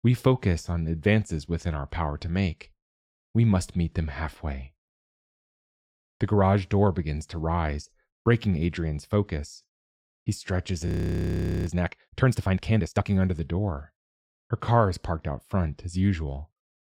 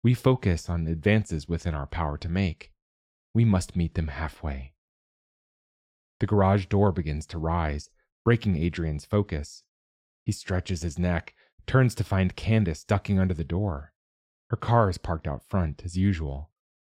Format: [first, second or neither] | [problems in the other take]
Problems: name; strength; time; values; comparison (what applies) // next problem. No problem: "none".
second | audio freezing; at 11 s for 1 s